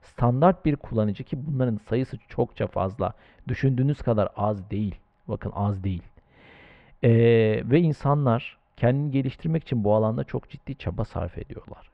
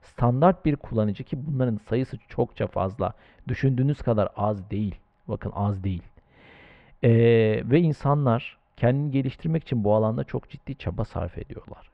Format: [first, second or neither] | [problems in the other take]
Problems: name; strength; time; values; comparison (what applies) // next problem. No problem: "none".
neither | muffled; very; fading above 2.5 kHz; the same in both